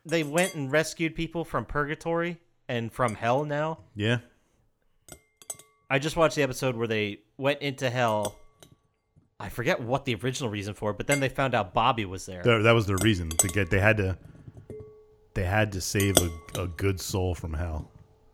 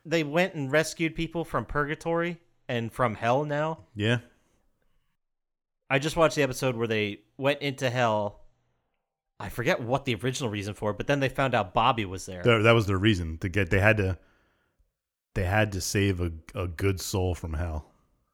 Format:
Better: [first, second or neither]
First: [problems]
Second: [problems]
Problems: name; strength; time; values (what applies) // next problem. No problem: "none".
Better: second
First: household noises; loud; throughout; 4 dB below the speech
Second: none